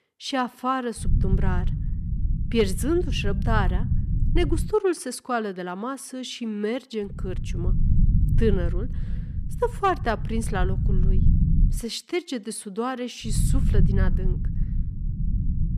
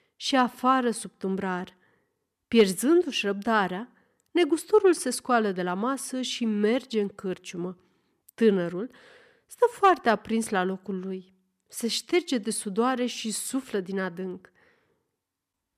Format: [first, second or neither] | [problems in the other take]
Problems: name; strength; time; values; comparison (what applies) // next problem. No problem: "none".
second | low rumble; noticeable; from 1 to 4.5 s, from 7 to 12 s and from 13 s on; 10 dB below the speech